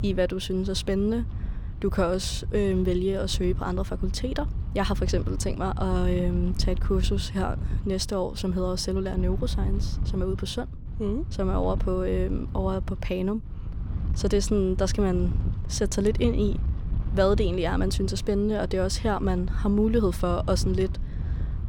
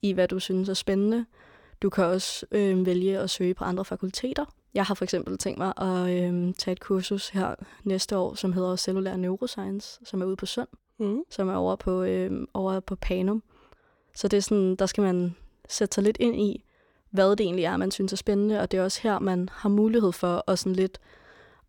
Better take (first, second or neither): second